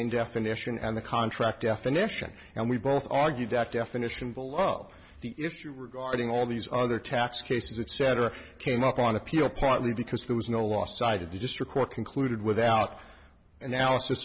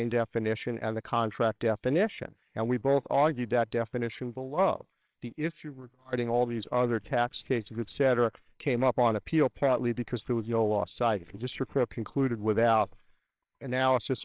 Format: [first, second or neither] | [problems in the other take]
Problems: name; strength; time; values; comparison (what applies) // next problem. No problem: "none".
first | noise reduction (neural separator model SepFormer WHAMR!)